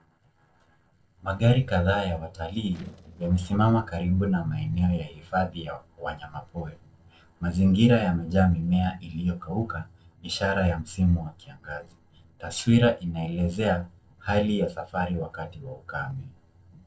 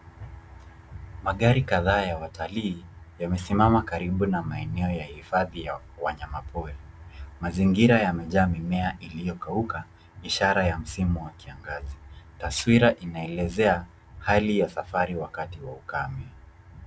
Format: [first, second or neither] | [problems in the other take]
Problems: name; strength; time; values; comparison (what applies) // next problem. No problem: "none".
second | noise reduction (neural separator model SepFormer DNS4)